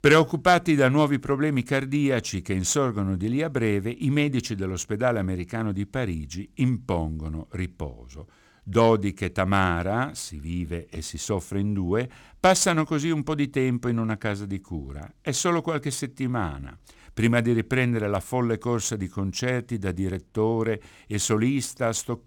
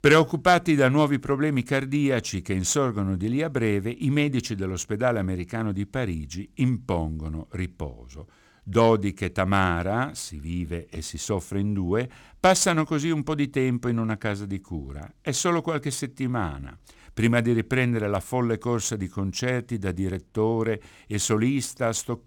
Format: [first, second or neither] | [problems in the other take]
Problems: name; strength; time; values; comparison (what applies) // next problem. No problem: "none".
neither | none